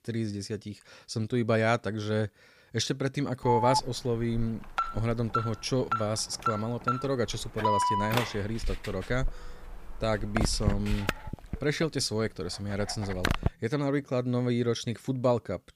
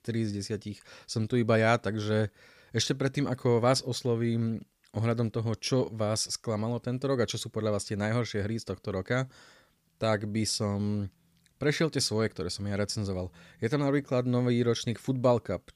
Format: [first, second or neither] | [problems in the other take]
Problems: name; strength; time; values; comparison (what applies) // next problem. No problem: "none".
second | alarm; loud; from 3.5 to 13 s; peak 4 dB above the speech